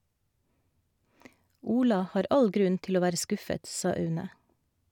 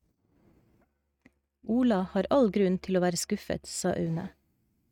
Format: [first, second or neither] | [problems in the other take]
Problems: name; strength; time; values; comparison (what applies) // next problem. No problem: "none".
first | noise reduction (neural mask model RNNoise)